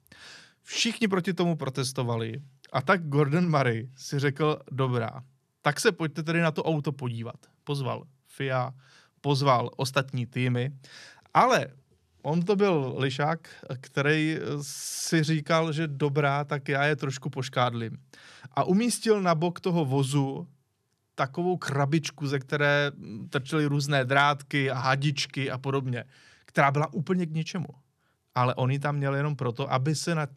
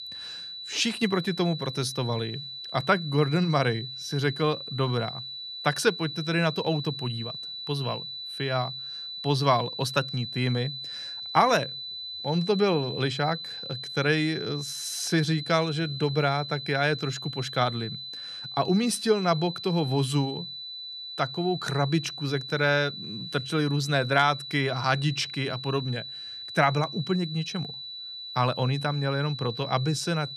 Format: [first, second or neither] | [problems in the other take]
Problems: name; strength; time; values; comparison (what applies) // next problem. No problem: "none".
first | high-pitched whine; loud; throughout; 4 kHz, 8 dB below the speech